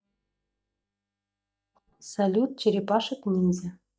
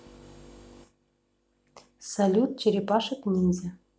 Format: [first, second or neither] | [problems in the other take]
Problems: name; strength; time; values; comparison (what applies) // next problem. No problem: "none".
second | noise reduction (neural mask model DeepFilterNet 3)